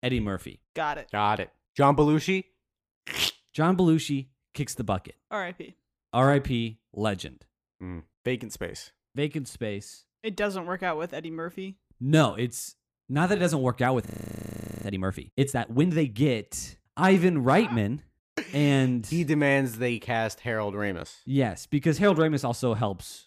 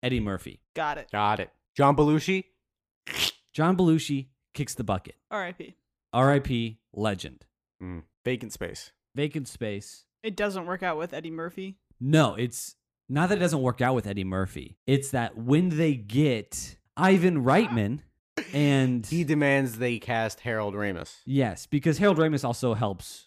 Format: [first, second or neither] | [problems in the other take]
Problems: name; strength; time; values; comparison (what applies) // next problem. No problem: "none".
second | audio freezing; at 14 s for 1 s